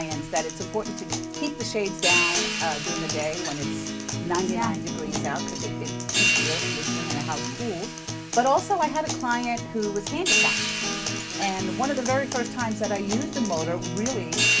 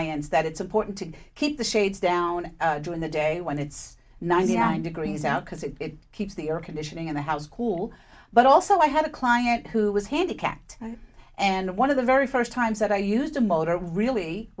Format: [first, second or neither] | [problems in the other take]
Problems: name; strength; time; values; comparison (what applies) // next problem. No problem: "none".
second | background sound (Acoustic guitar + Hi-hat); 1 dB above the speech